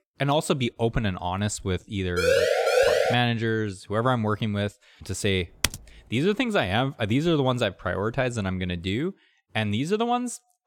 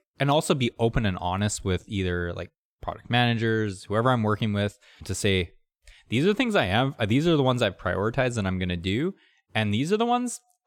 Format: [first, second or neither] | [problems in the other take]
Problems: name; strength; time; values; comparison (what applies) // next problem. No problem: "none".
second | siren; loud; at 2 s; peak 6 dB above the speech // keyboard typing; noticeable; at 5.5 s; peak 1 dB below the speech